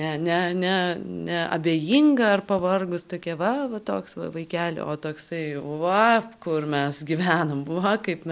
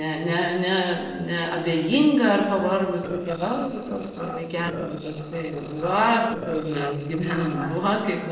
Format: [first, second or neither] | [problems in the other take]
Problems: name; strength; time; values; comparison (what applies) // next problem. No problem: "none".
first | noise reduction (neural separator model SepFormer DNS4)